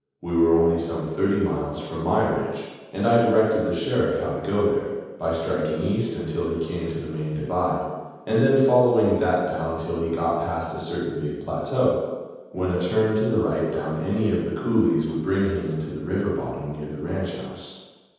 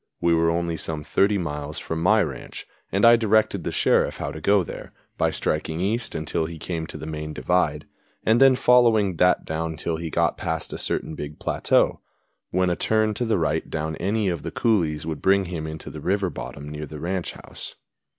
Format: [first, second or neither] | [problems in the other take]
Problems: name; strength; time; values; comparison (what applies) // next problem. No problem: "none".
second | room echo; dies away in 1.2 s